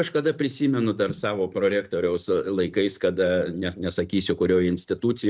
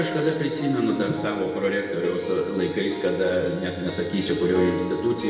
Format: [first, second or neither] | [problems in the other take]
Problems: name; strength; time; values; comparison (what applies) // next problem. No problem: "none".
first | background sound (Harp); 9 dB below the speech // room echo; dies away in 1.3 s